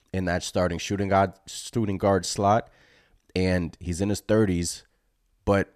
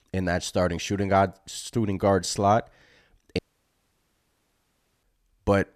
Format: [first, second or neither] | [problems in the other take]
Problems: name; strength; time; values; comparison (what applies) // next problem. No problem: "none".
first | audio cutting out; at 3.5 s for 1.5 s